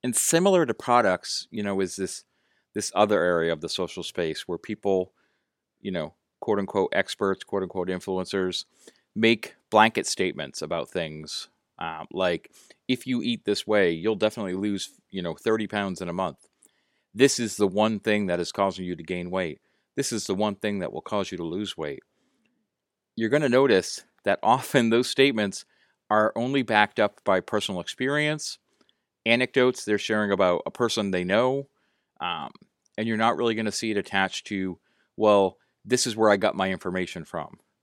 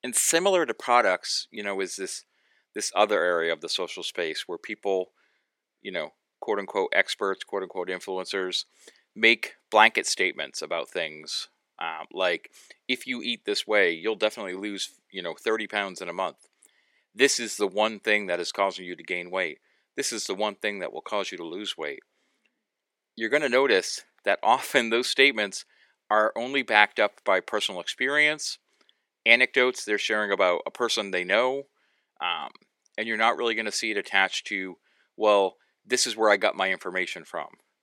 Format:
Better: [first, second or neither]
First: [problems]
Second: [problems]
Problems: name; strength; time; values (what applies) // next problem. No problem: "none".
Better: first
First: none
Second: thin; somewhat; fading below 400 Hz